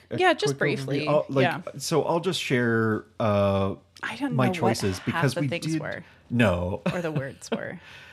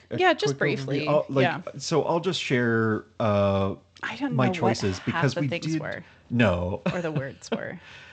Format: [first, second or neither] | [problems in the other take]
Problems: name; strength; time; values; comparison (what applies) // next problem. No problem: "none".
first | garbled, watery; slightly; nothing above 7.5 kHz